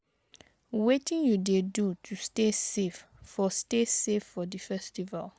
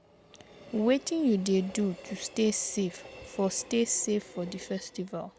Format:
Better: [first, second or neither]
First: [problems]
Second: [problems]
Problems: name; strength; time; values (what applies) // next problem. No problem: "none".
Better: first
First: none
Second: background sound (Train); 19 dB below the speech